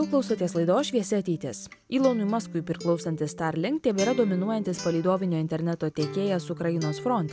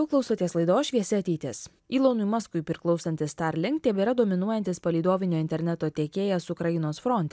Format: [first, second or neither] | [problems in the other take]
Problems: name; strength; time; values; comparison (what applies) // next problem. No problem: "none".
second | background sound (Acoustic guitar); 13 dB below the speech